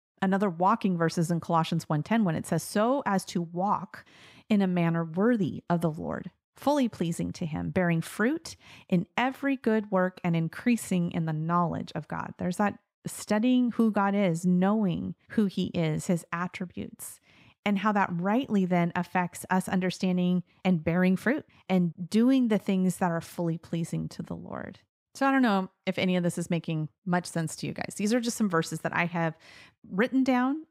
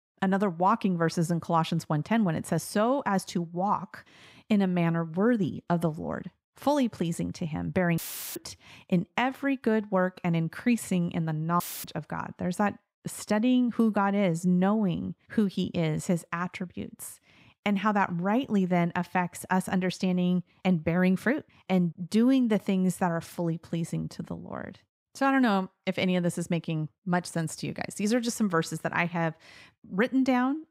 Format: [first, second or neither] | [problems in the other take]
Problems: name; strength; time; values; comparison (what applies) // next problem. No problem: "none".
first | audio cutting out; filled with static; at 8 s and at 12 s